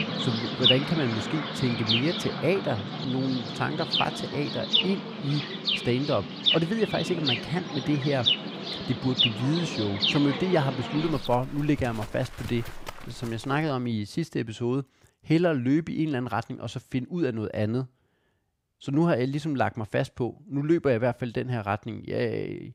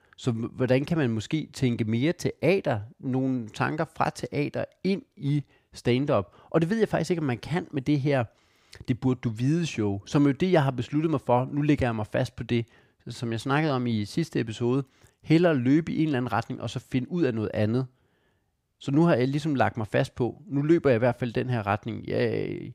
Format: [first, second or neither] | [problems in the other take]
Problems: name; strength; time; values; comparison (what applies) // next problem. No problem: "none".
second | animal sounds; very loud; until 13 s; as loud as the speech